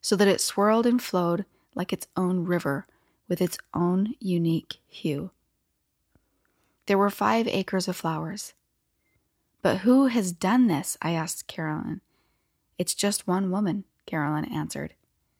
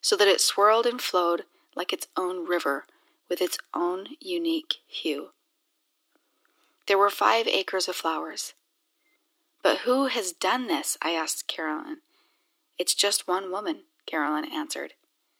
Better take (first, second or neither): first